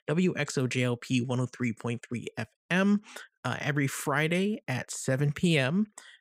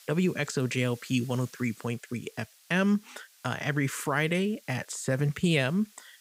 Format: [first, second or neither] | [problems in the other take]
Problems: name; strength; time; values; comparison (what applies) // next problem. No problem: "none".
first | hiss; faint; throughout; 25 dB below the speech